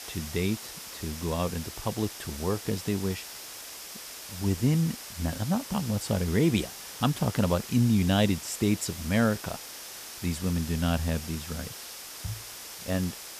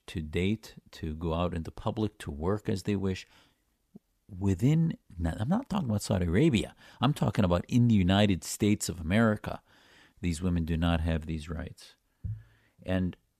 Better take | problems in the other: second | hiss; noticeable; throughout; 10 dB below the speech

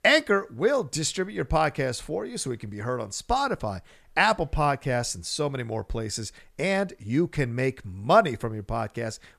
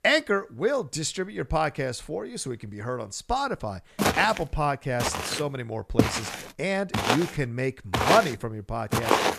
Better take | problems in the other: first | footsteps; loud; from 4 s on; peak 6 dB above the speech

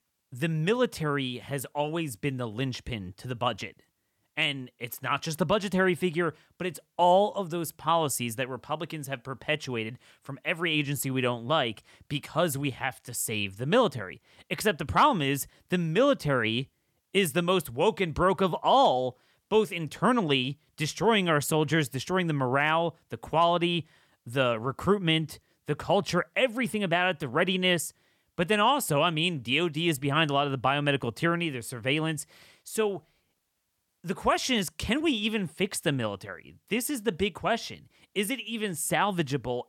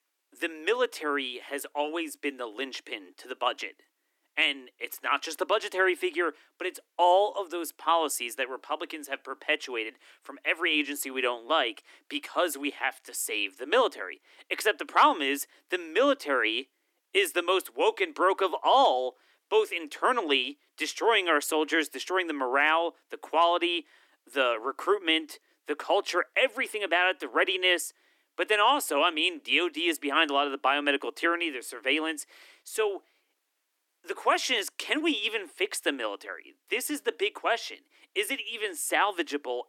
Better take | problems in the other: first | thin; somewhat; fading below 300 Hz

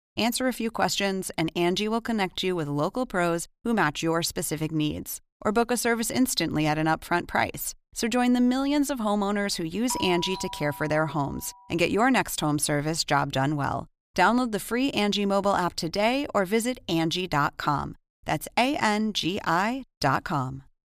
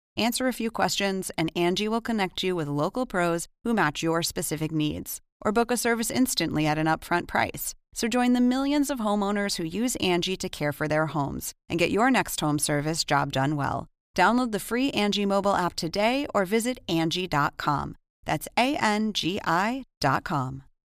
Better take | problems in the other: second | doorbell; noticeable; from 10 to 11 s; peak 8 dB below the speech

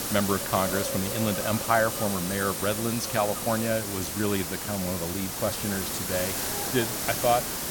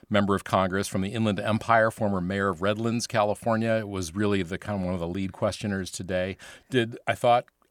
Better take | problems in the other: second | hiss; loud; throughout; 1 dB below the speech

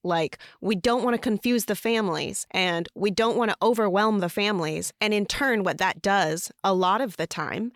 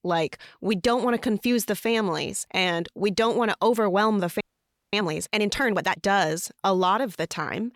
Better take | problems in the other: first | audio freezing; at 4.5 s for 0.5 s

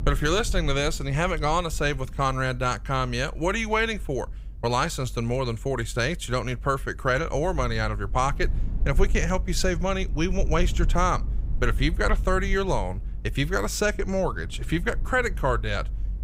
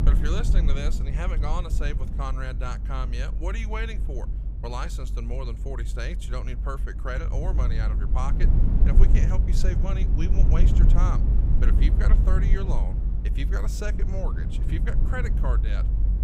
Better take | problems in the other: first | low rumble; loud; throughout; 6 dB below the speech; faint in the first

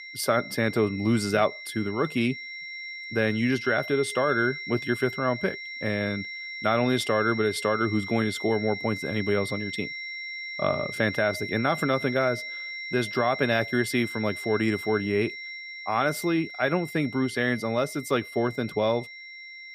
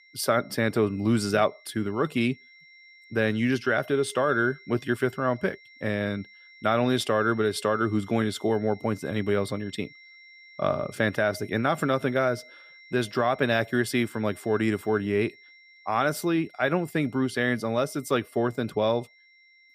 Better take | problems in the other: second | high-pitched whine; loud; throughout; 2 kHz, 8 dB below the speech; faint in the second

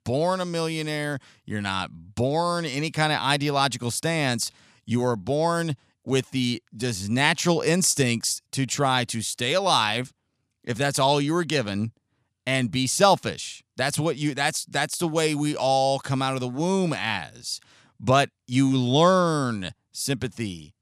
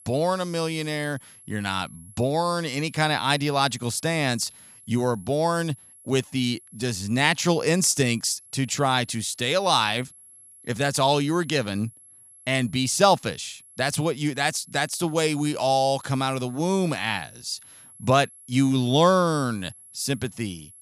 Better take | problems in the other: first | high-pitched whine; faint; throughout; 11 kHz, 25 dB below the speech

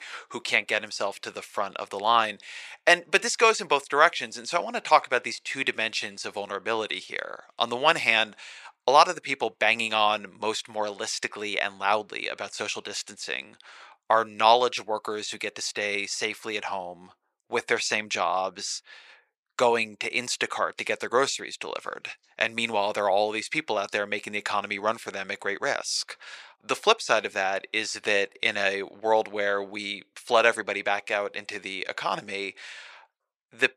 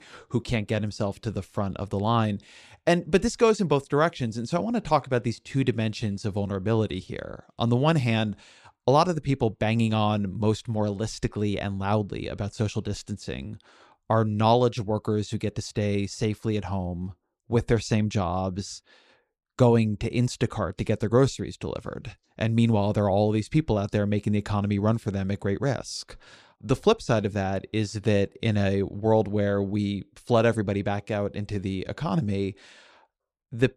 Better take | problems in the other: second | thin; very; fading below 750 Hz

